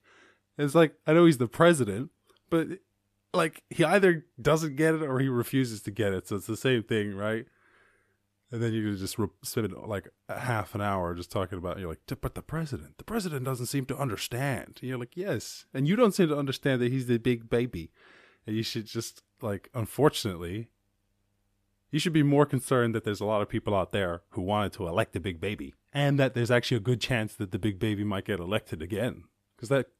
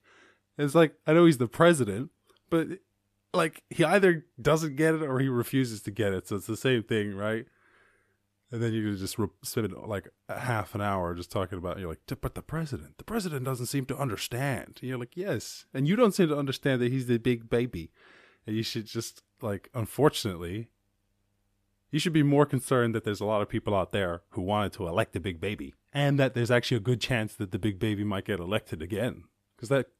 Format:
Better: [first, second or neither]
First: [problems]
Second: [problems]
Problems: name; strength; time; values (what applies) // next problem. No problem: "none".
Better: neither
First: none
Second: none